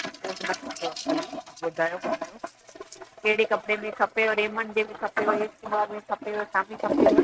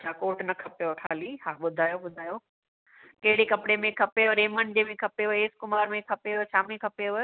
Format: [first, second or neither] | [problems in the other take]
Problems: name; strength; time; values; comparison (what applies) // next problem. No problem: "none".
second | noise reduction (neural mask model RNNoise)